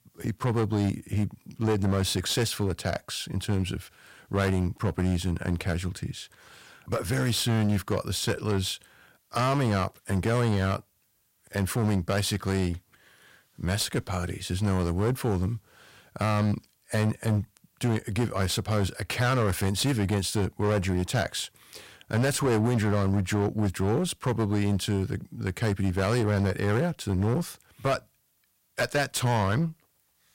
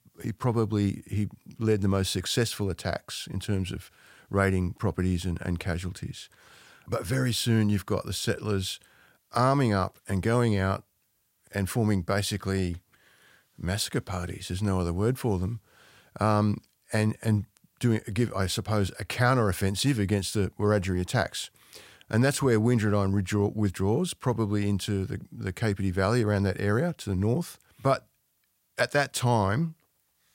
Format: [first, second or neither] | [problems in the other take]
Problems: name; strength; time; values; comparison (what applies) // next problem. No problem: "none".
second | distortion; slight; 14% of the sound clipped